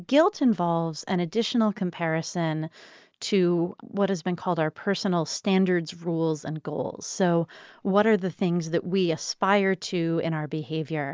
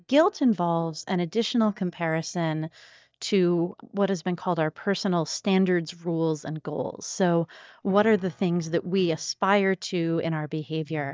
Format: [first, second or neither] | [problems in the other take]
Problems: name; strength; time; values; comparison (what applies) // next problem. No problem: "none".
first | noise reduction (neural mask model DeepFilterNet 3)